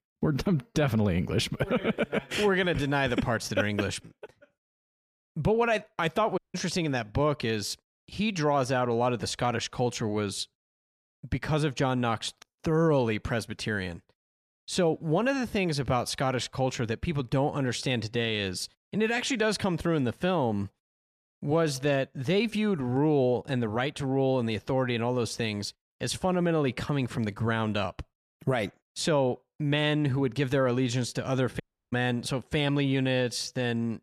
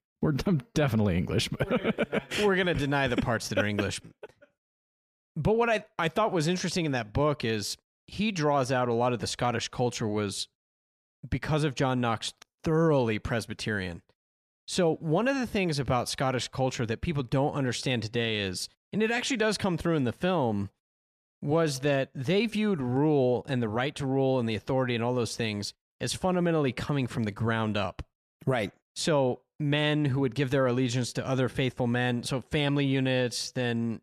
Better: second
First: audio cutting out; at 6.5 s and at 32 s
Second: none

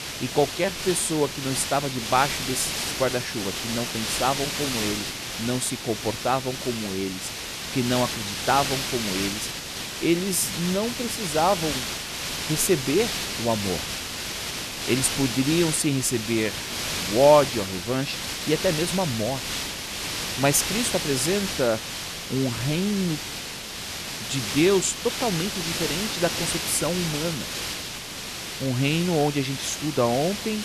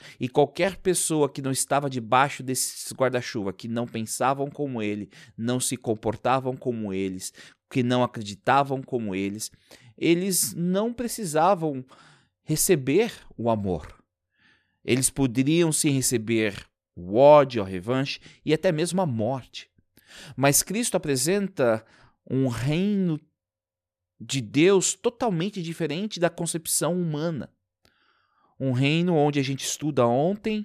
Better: second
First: hiss; loud; throughout; 3 dB below the speech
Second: none

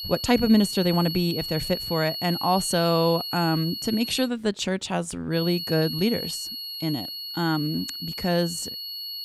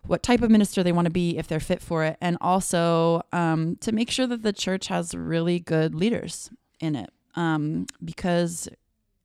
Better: second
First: high-pitched whine; loud; until 4.5 s and from 5.5 s on; 4.5 kHz, 6 dB below the speech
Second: none

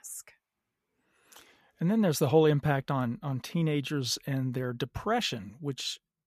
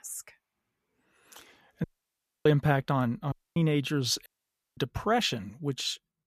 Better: first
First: none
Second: audio cutting out; at 2 s for 0.5 s, at 3.5 s and at 4.5 s for 0.5 s

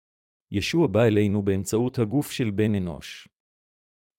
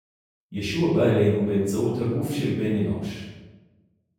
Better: first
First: none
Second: room echo; noticeable; dies away in 0.9 s // off-mic speech; far

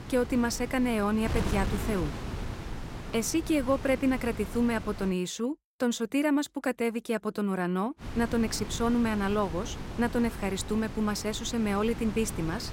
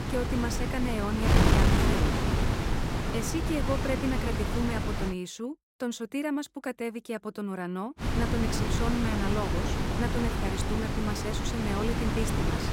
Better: first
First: wind noise on the microphone; occasional gusts; until 5 s and from 8 s on; 10 dB below the speech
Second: wind noise on the microphone; heavy; until 5 s and from 8 s on; 2 dB above the speech

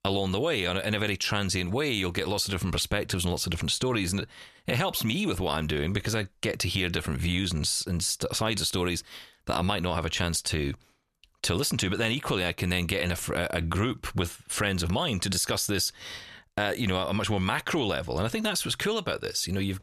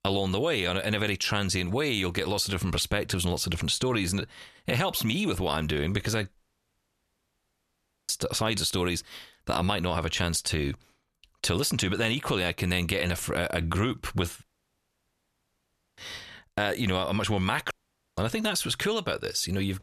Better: first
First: none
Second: audio cutting out; at 6.5 s for 1.5 s, at 14 s for 1.5 s and at 18 s

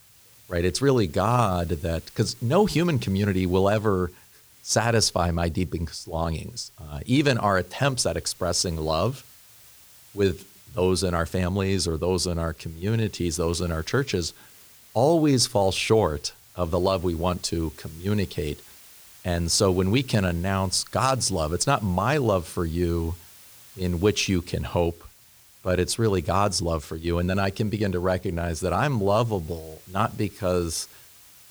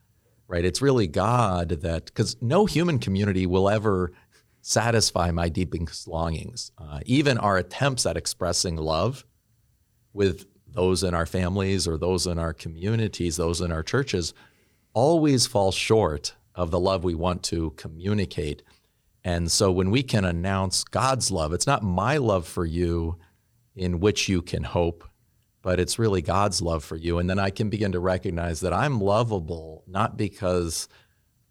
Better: second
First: hiss; faint; throughout; 25 dB below the speech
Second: none

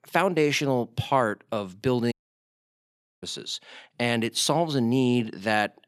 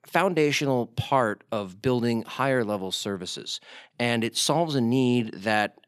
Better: second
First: audio cutting out; at 2 s for 1 s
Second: none

